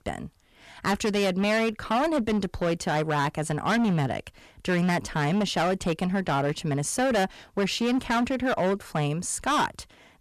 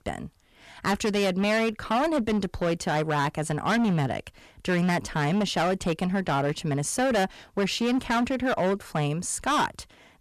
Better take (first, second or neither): neither